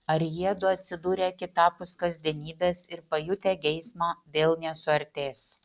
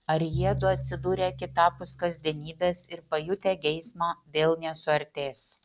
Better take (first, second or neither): first